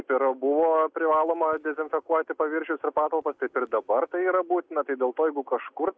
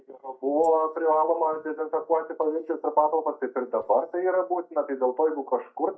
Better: first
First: none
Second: noise reduction (neural mask model DeepFilterNet 3)

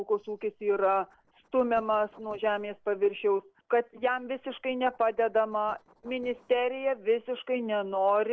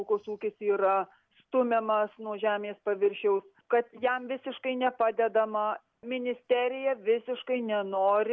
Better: second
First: noise reduction (neural separator model SepFormer DNS4)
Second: none

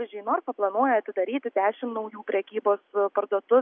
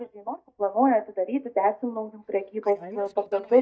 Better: first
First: none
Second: noise reduction (neural mask model DeepFilterNet 3)

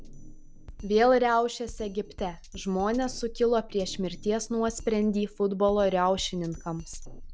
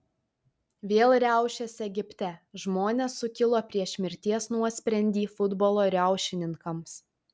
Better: second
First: background sound (Drum kit); 15 dB below the speech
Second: none

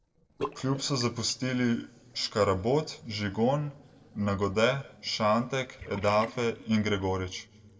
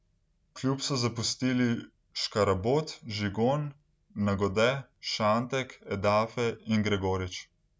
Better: second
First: noise reduction (neural separator model SepFormer DNS4)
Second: none

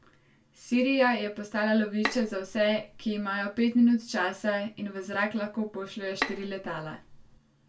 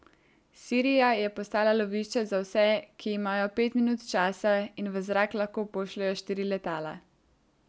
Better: second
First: background sound (Bowed string instrument); 9 dB below the speech // room echo; dies away in 0.2 s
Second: none

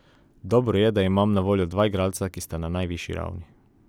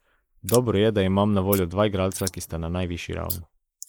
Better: first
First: none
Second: noise reduction (neural mask model Resemble Enhance denoiser)

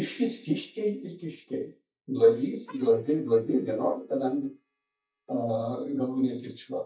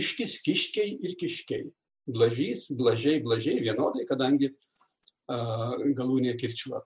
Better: second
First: noise reduction (neural mask model DeepFilterNet 3)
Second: none

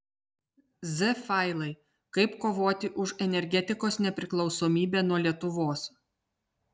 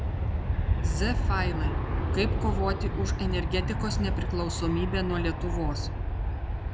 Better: first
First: none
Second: background sound (Aircraft); 5 dB above the speech

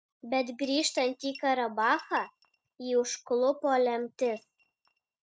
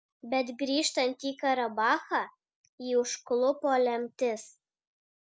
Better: second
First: noise reduction (neural mask model RNNoise)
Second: none

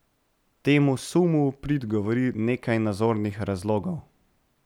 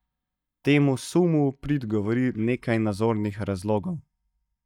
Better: first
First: none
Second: noise reduction (neural mask model DeepFilterNet 3)

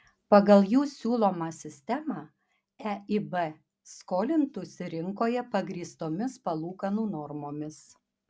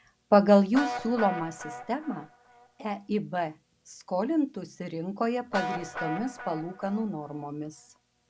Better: first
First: none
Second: background sound (Guitar); 12 dB below the speech

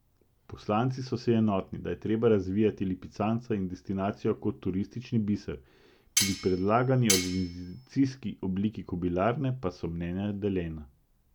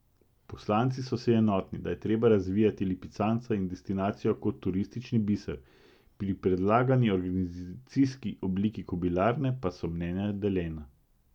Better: second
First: background sound (Cutlery, silverware); 3 dB below the speech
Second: none

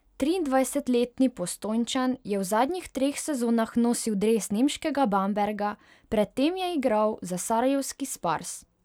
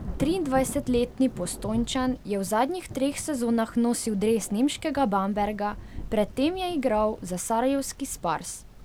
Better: first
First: none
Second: background sound (Thunder / Rain); 13 dB below the speech

